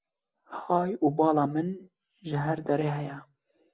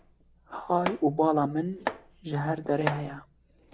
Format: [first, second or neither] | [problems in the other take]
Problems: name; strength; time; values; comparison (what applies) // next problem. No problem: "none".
first | background sound (Domestic sounds, home sounds); 10 dB below the speech